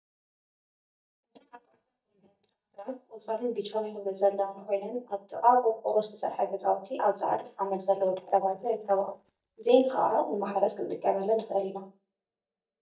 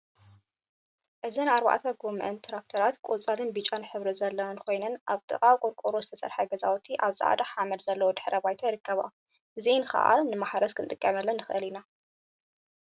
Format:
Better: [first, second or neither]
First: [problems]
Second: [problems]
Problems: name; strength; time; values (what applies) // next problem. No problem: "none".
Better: second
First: noise reduction (neural mask model DeepFilterNet 3)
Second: none